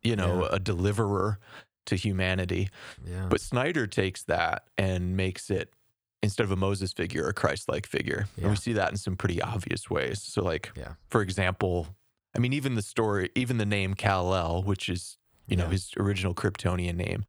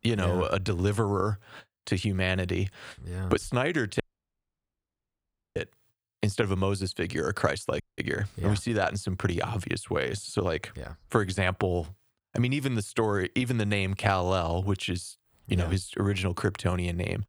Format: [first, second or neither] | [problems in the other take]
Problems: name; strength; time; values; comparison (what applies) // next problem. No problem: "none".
first | audio cutting out; at 4 s for 1.5 s and at 8 s